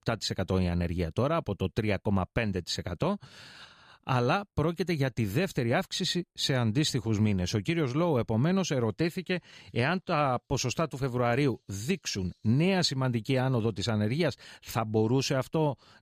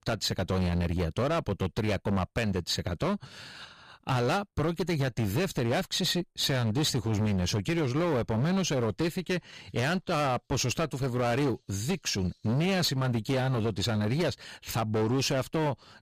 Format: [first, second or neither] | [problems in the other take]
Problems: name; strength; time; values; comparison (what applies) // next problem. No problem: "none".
first | distortion; heavy; 18% of the sound clipped